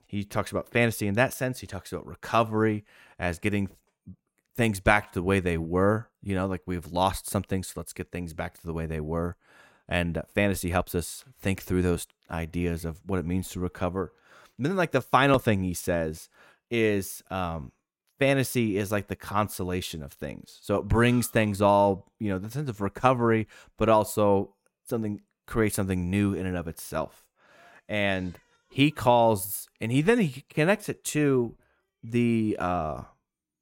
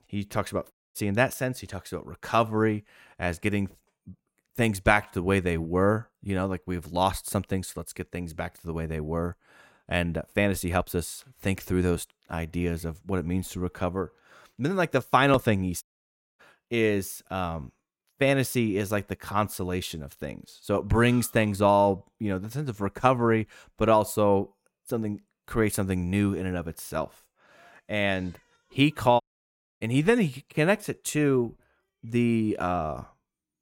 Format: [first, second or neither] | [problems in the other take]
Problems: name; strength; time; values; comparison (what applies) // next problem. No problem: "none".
first | audio cutting out; at 0.5 s, at 16 s for 0.5 s and at 29 s for 0.5 s